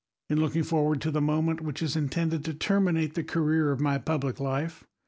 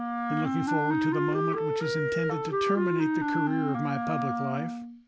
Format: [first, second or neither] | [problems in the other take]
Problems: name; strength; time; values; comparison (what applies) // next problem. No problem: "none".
first | background sound (Wind instrument, woodwind instrument); 3 dB above the speech